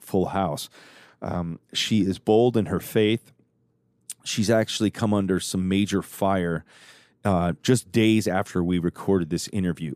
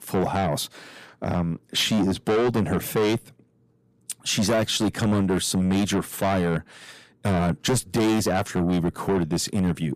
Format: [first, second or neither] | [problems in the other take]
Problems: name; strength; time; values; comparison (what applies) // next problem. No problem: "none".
first | distortion; heavy; 6 dB below the speech